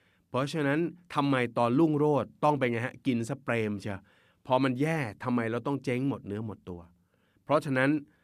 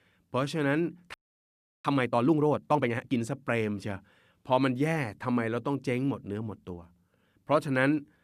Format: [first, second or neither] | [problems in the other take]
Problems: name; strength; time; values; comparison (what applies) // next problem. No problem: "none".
first | audio freezing; at 1 s for 0.5 s